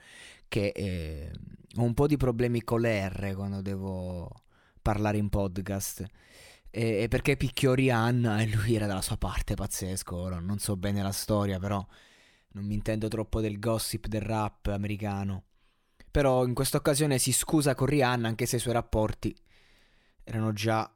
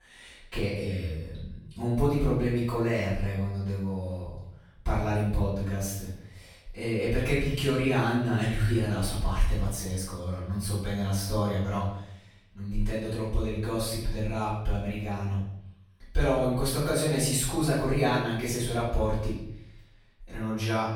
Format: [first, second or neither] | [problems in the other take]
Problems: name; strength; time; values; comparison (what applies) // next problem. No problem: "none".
first | off-mic speech; far // room echo; noticeable; dies away in 0.7 s